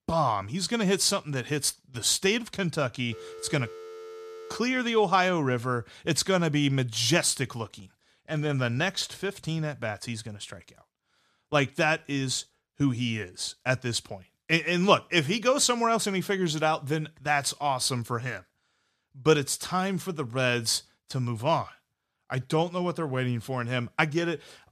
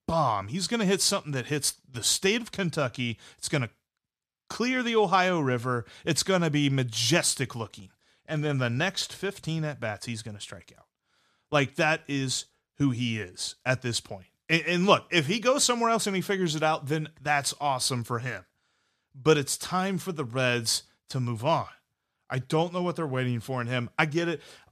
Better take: second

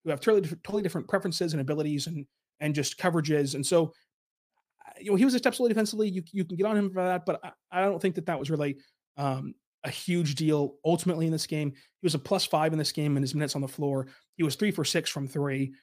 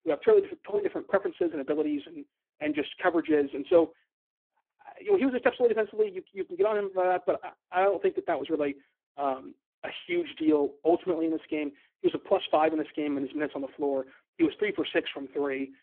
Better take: first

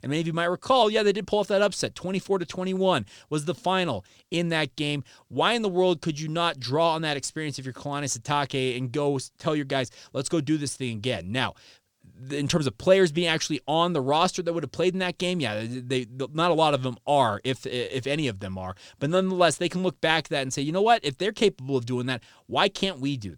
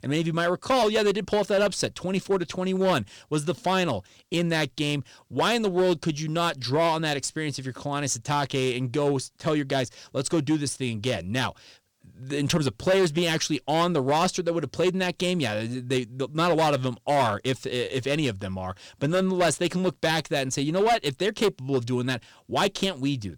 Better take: first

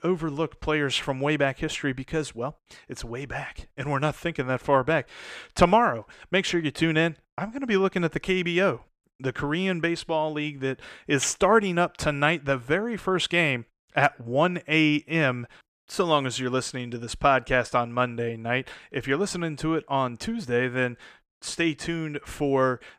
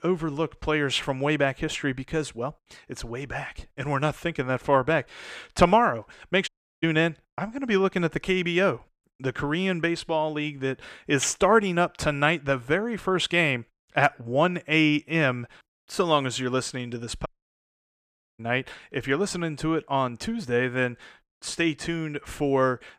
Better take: first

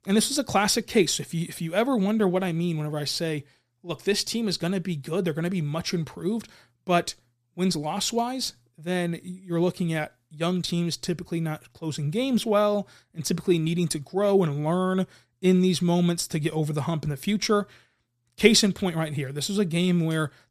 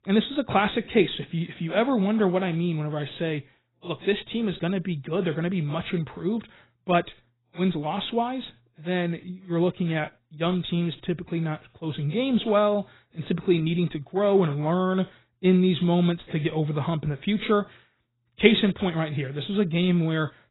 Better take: first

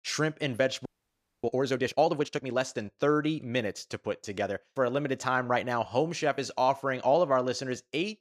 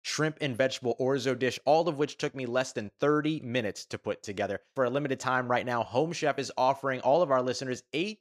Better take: second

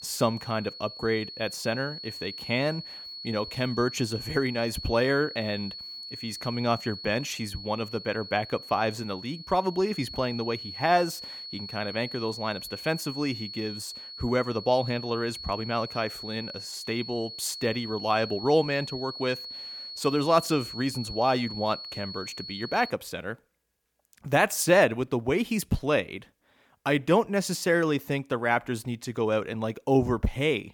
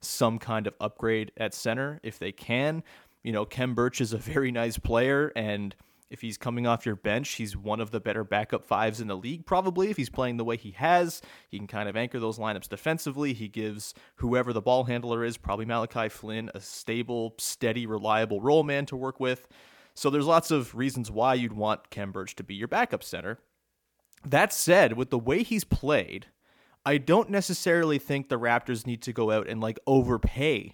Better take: second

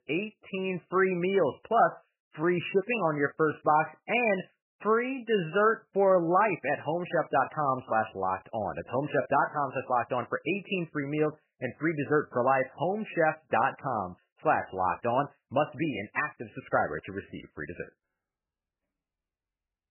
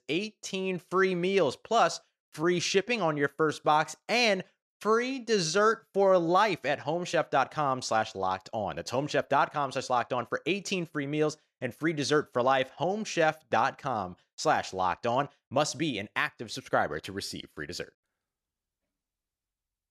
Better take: second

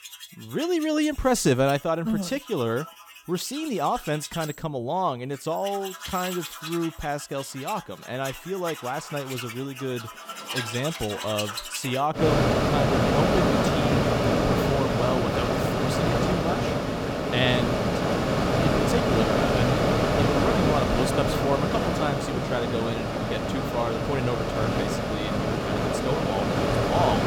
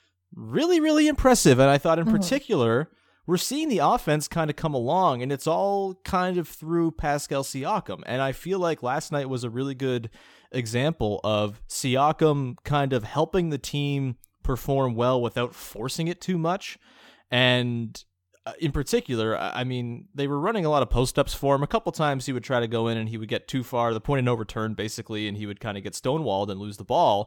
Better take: second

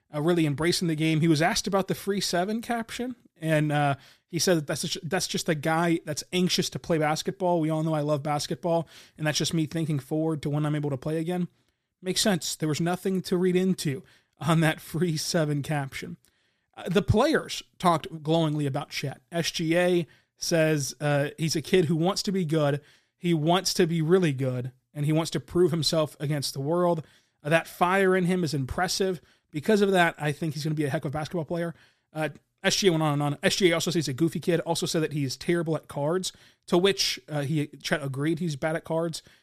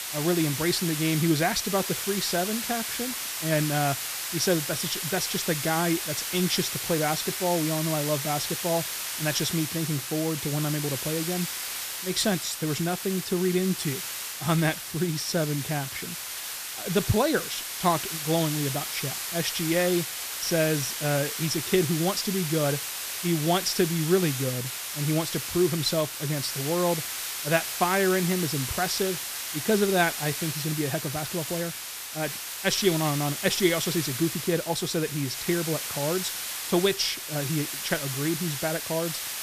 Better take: first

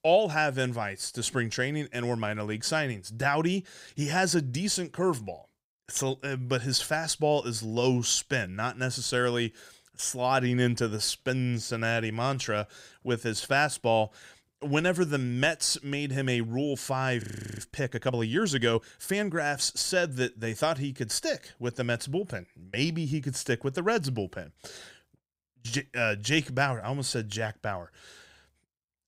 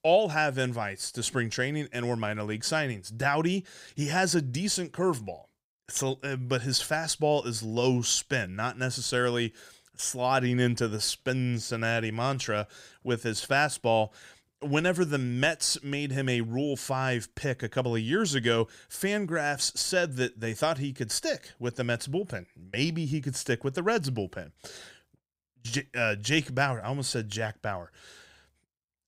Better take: second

